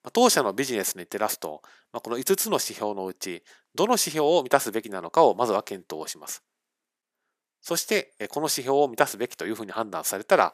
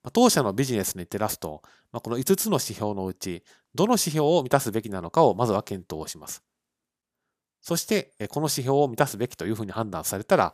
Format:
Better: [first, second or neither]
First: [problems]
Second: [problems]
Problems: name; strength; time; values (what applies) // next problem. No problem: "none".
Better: second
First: thin; very slightly; fading below 300 Hz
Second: none